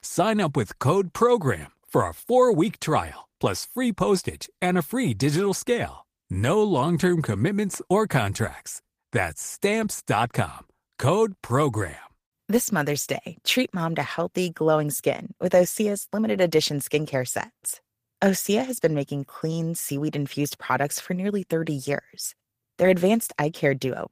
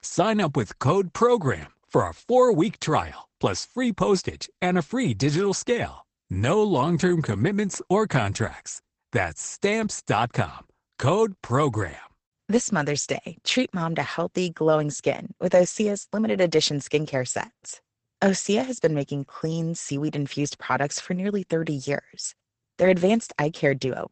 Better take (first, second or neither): first